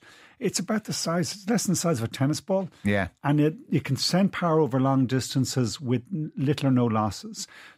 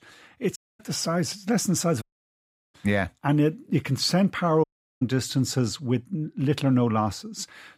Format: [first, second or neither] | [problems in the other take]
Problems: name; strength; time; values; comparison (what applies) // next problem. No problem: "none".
first | audio cutting out; at 0.5 s, at 2 s for 0.5 s and at 4.5 s